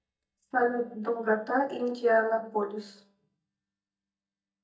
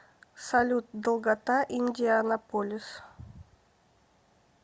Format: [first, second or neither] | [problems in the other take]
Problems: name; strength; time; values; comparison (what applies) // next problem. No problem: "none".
second | noise reduction (neural mask model DeepFilterNet 3)